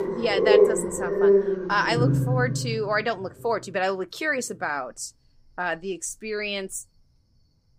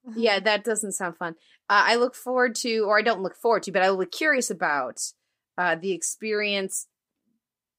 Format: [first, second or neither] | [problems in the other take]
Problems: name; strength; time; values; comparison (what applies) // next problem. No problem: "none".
second | animal sounds; very loud; throughout; 5 dB above the speech